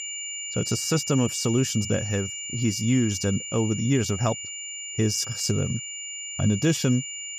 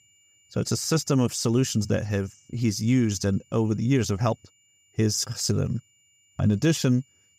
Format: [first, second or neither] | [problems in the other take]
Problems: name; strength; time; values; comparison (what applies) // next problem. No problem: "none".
second | high-pitched whine; loud; throughout; 7 kHz, 6 dB below the speech; faint in the second